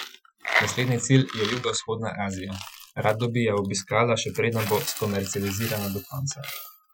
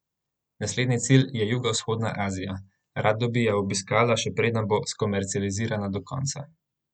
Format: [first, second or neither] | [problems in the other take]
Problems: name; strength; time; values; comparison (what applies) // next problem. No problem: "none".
second | noise reduction (classical method Wiener filter)